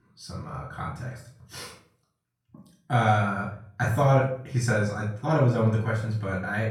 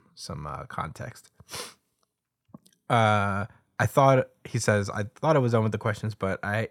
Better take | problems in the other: second | off-mic speech; far // room echo; noticeable; dies away in 0.5 s

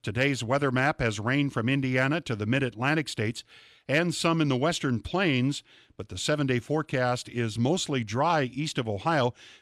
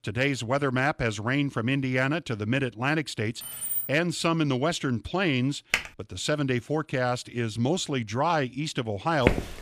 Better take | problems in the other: first | jangling keys; noticeable; at 3.5 s; peak 1 dB below the speech // keyboard typing; noticeable; at 5.5 s; peak 1 dB below the speech // footsteps; very faint; at 9.5 s; peak level with the speech

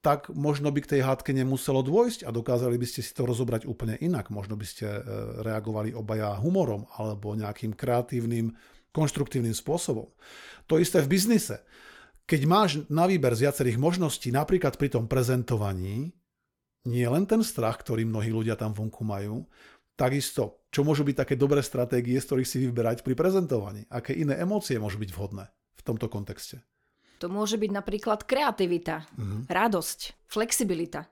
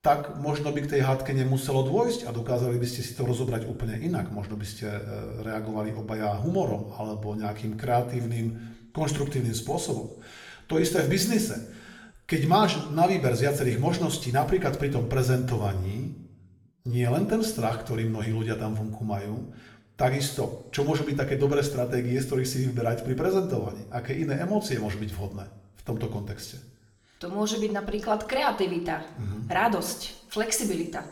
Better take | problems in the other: first | room echo; slight; dies away in 0.7 s

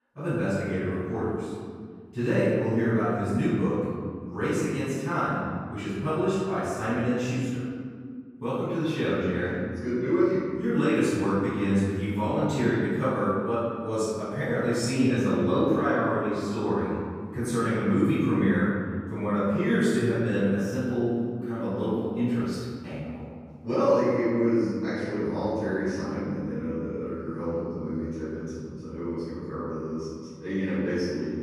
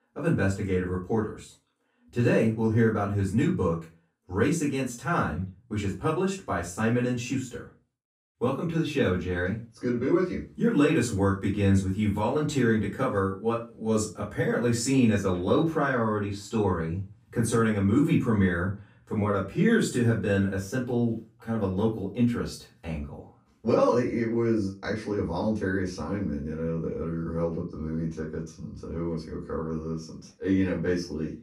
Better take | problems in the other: second | room echo; strong; dies away in 2 s; slight in the second // off-mic speech; far; far in the second

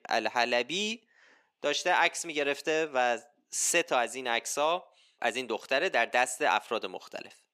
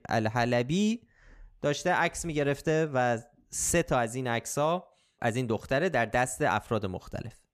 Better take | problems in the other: second | thin; somewhat; fading below 300 Hz

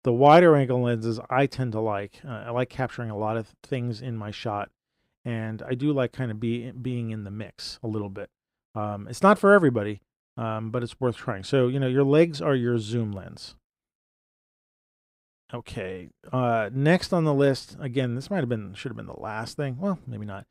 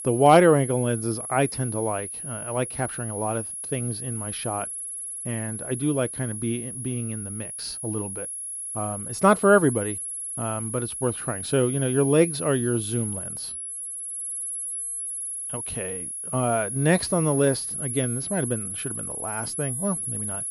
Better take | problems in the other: first | high-pitched whine; loud; throughout; 11 kHz, 5 dB below the speech

